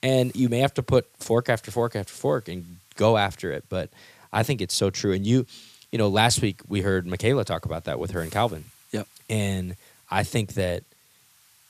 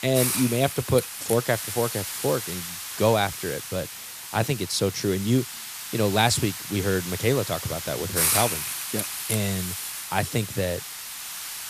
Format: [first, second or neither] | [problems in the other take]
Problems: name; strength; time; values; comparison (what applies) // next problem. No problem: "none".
first | hiss; loud; throughout; 4 dB below the speech; faint in the first